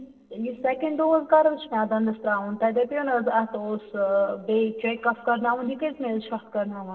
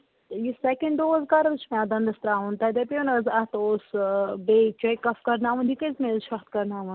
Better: second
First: noise reduction (neural separator model SepFormer DNS4)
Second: none

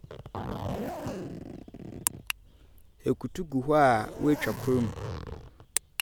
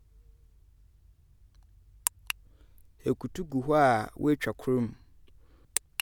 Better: second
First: background sound (Zipper (clothing)); 9 dB below the speech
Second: none

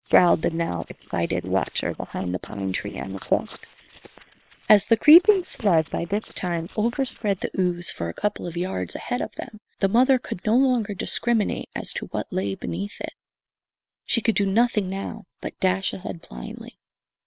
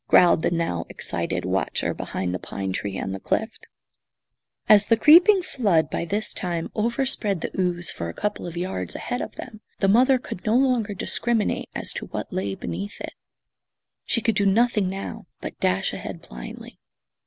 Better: second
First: noise reduction (neural separator model SepFormer WHAM!)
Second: none

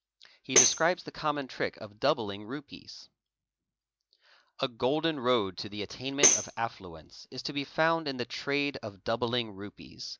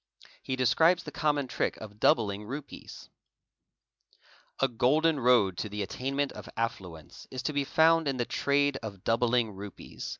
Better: second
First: background sound (Tambourine); 3 dB above the speech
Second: none

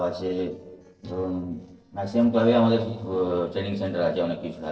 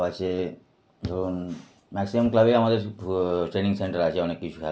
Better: second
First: noise reduction (neural separator model SepFormer DNS4)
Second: none

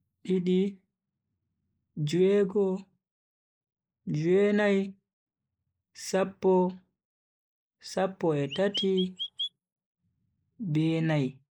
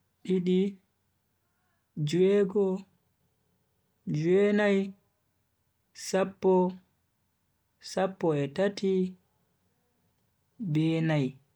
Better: second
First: noise reduction (neural mask model Resemble Enhance denoiser)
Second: none

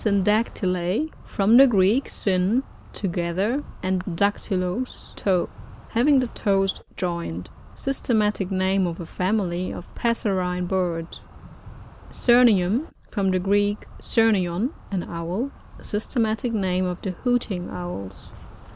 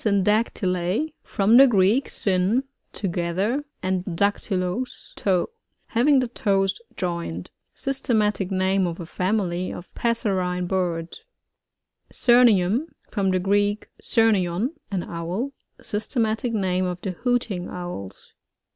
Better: second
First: background sound (Insect); 18 dB below the speech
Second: none

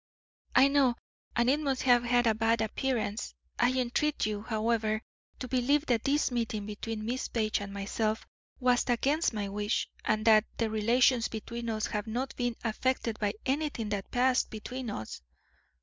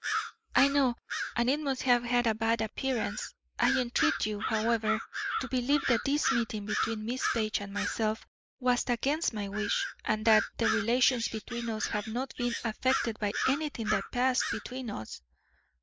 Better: first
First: none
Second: noise reduction (neural mask model Resemble Enhance denoiser)

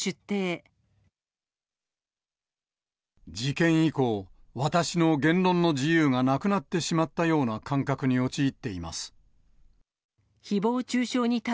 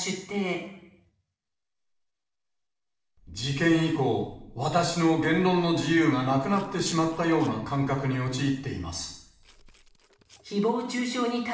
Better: first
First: none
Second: noise reduction (neural separator model SepFormer DNS4)

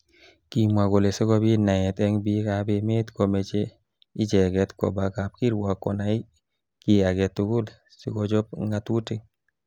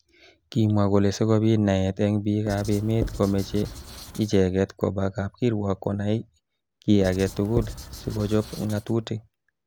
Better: first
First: none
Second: background sound (Writing); 12 dB below the speech

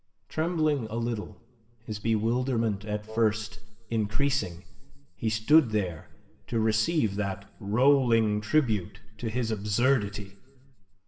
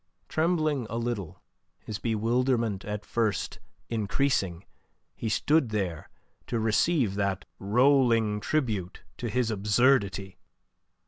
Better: second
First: background sound (Wind instrument, woodwind instrument); 17 dB below the speech // room echo; dies away in 0.9 s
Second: none

